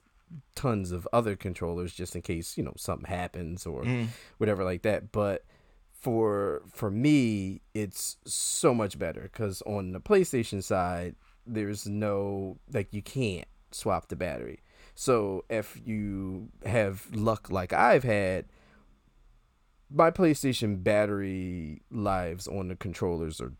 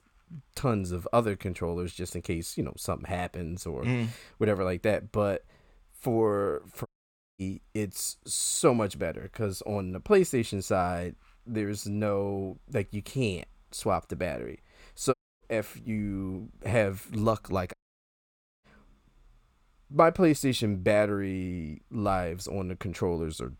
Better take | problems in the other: first | audio cutting out; at 7 s for 0.5 s, at 15 s and at 18 s for 1 s

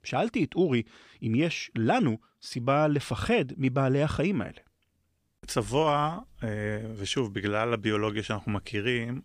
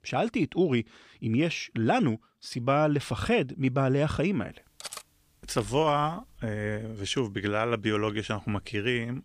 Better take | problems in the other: first | clattering dishes; faint; at 5 s; peak 10 dB below the speech

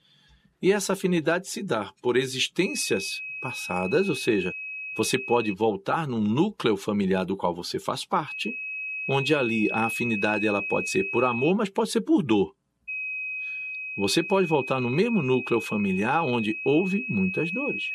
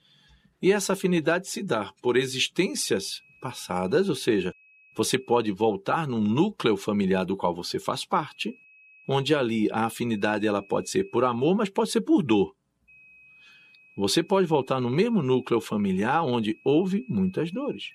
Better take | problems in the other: second | high-pitched whine; loud; from 2.5 to 5.5 s, from 8.5 to 12 s and from 13 s on; 2.5 kHz, 5 dB below the speech; faint in the second

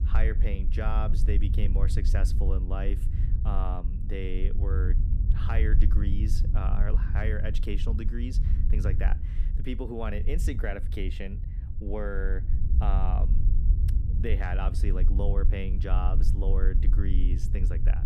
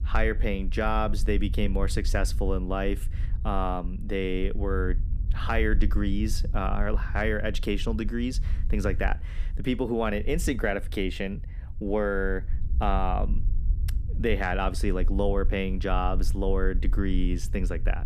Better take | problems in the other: second | low rumble; loud; throughout; 8 dB below the speech; faint in the second

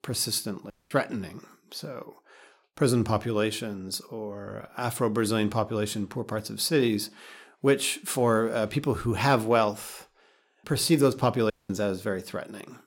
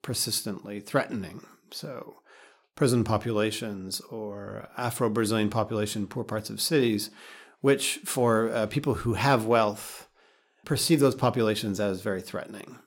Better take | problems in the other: second | audio cutting out; at 0.5 s and at 12 s

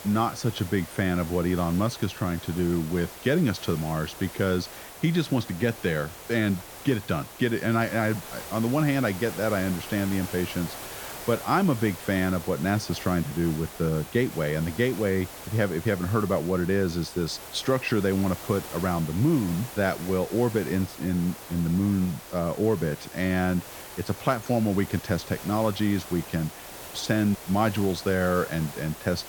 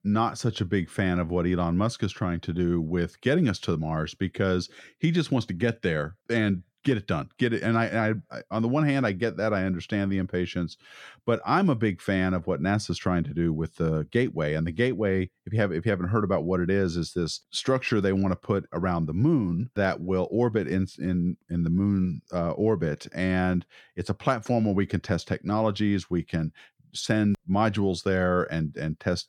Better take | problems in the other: second | hiss; noticeable; throughout; 15 dB below the speech

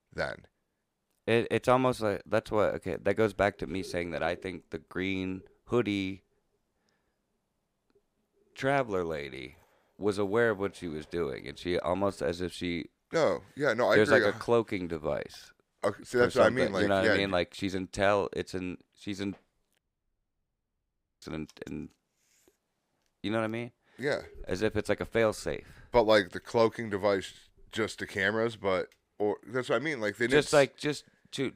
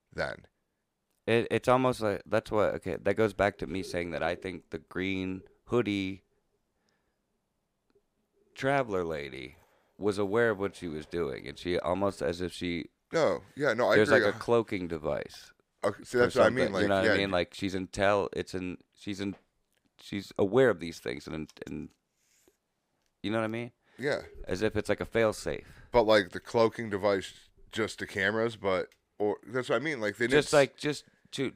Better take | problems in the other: second | audio cutting out; at 20 s for 1.5 s

